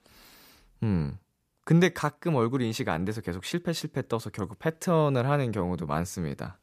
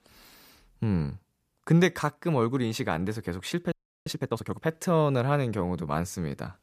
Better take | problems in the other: first | audio freezing; at 3.5 s

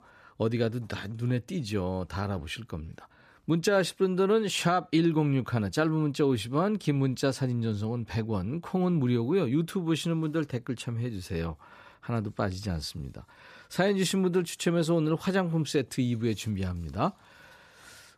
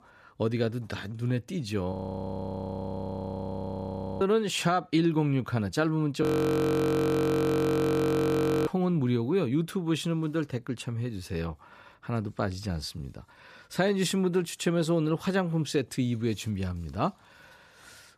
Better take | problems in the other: first | audio freezing; at 2 s for 2.5 s and at 6 s for 2.5 s

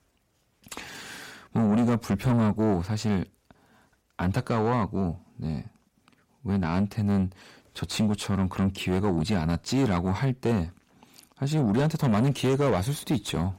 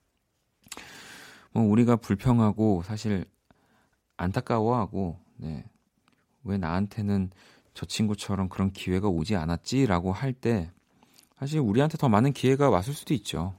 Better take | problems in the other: second | distortion; heavy; 7 dB below the speech

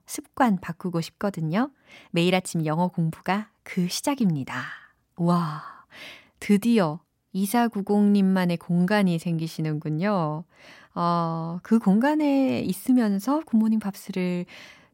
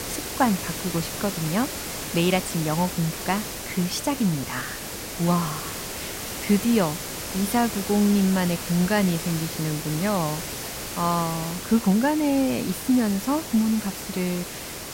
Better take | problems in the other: first | hiss; loud; throughout; 7 dB below the speech

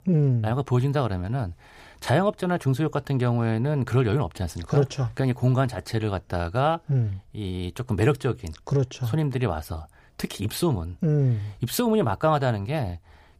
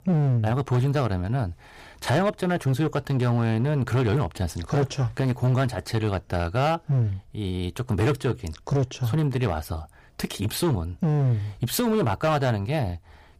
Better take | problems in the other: first | distortion; slight; 9% of the sound clipped

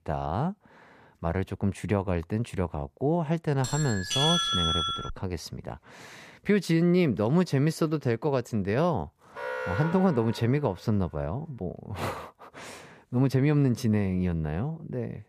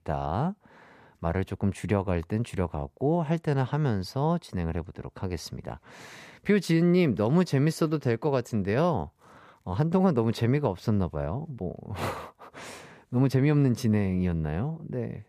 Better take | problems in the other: second | doorbell; loud; from 3.5 to 5 s; peak 4 dB above the speech // alarm; noticeable; from 9.5 to 11 s; peak 4 dB below the speech

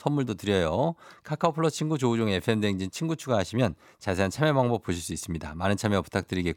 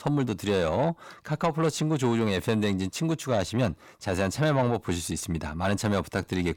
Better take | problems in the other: first | distortion; slight; 10 dB below the speech

